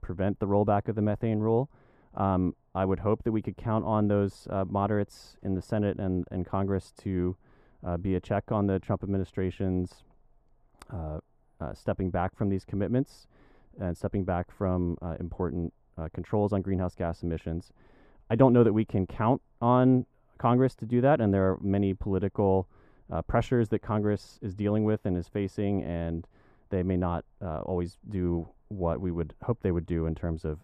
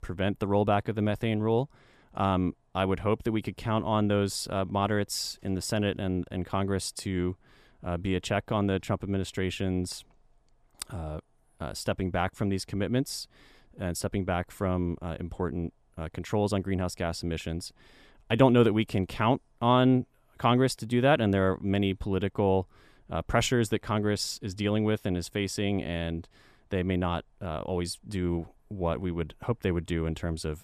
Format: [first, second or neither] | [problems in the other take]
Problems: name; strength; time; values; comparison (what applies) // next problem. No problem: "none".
second | muffled; very; fading above 2 kHz